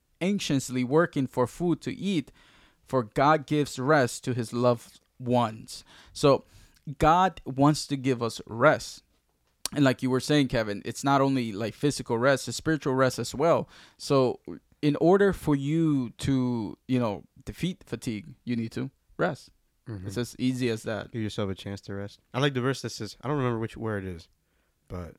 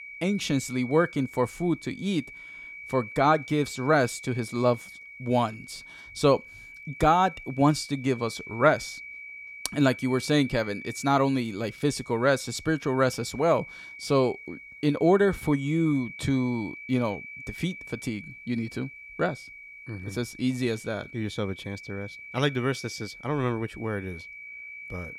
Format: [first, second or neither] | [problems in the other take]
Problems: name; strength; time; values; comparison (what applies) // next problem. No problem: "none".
first | high-pitched whine; noticeable; throughout; 2.5 kHz, 15 dB below the speech